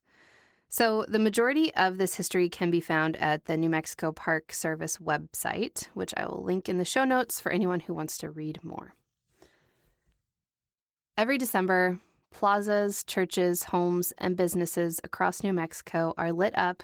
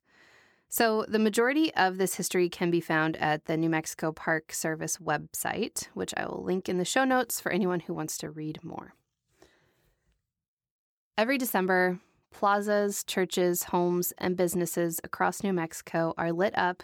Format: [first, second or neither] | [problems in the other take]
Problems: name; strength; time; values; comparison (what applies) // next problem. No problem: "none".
second | garbled, watery; slightly